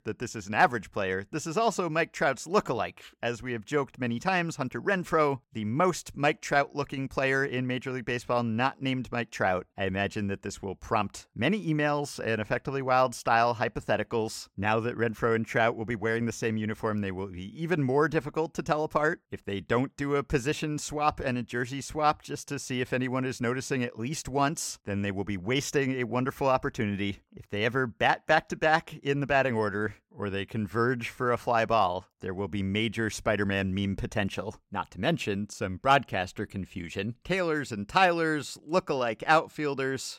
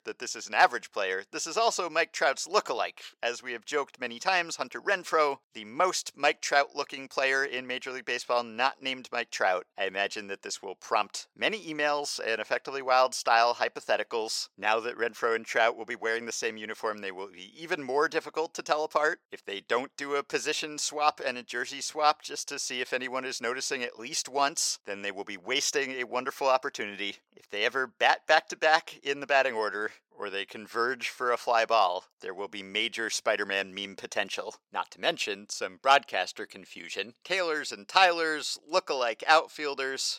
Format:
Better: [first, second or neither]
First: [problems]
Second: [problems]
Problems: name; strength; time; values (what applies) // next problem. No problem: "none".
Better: first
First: none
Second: thin; very; fading below 550 Hz